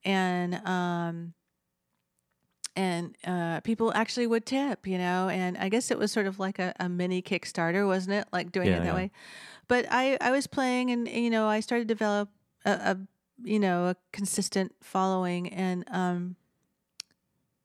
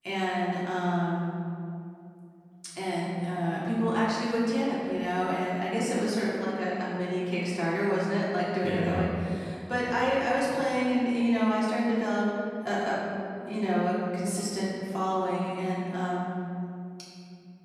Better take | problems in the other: first | room echo; strong; dies away in 2.4 s // off-mic speech; far

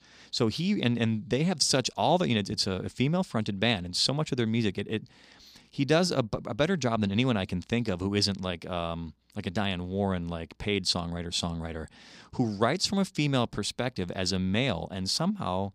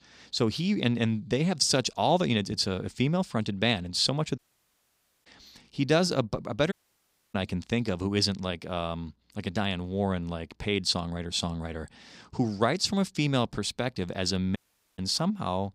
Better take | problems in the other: first | audio cutting out; at 4.5 s for 1 s, at 6.5 s for 0.5 s and at 15 s

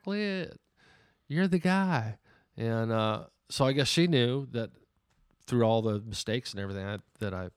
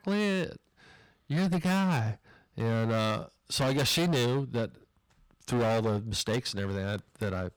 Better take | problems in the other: first | distortion; heavy; 17% of the sound clipped

